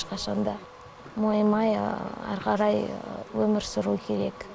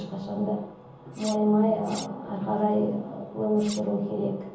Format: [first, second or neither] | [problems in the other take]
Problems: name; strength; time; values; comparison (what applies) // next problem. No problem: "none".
first | background sound (Cutlery, silverware); 17 dB below the speech // room echo; dies away in 0.7 s